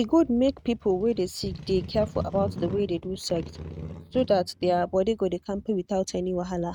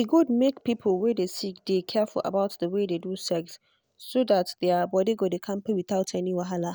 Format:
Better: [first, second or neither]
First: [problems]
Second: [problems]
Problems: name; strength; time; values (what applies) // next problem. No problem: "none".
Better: second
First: noise reduction (neural mask model RNNoise)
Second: none